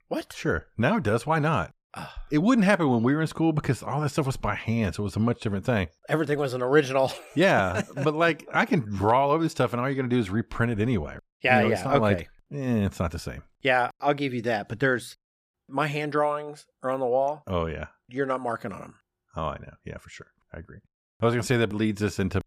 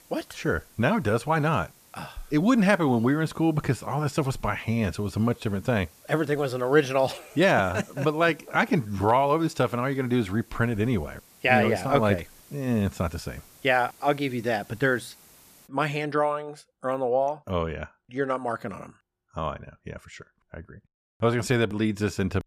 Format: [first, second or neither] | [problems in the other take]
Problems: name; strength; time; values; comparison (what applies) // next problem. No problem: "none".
first | hiss; faint; until 16 s; 25 dB below the speech